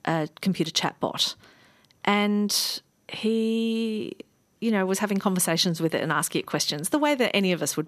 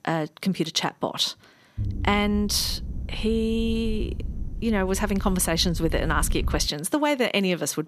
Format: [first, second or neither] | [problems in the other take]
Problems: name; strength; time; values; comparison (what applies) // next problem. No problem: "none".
first | low rumble; faint; from 2 to 6.5 s; 20 dB below the speech